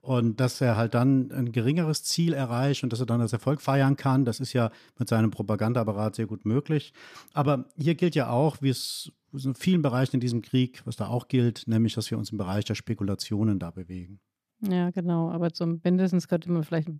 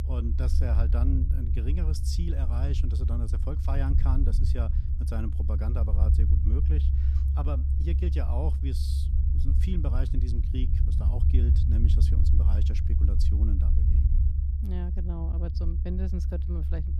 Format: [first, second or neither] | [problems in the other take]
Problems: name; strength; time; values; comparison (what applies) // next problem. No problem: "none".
first | low rumble; loud; throughout; 2 dB below the speech